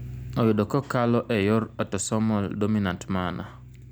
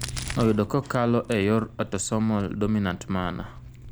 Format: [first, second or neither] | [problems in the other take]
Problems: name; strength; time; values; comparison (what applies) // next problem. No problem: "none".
first | background sound (Crack); 15 dB below the speech